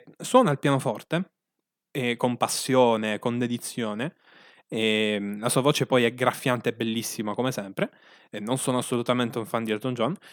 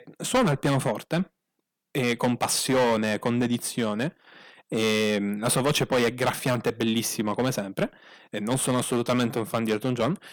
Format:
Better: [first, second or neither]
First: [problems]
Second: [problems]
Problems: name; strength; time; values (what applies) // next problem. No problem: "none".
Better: first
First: none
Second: distortion; heavy; 8% of the sound clipped